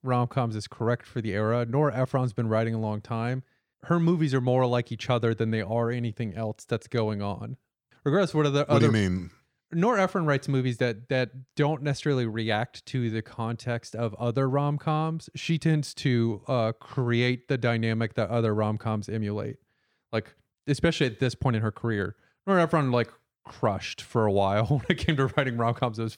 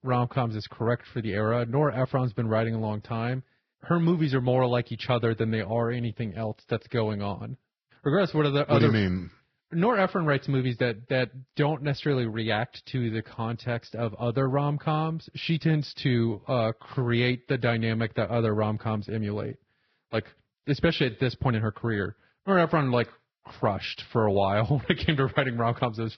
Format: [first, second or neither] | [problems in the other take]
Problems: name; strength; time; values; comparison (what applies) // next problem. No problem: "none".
first | garbled, watery; badly; nothing above 5 kHz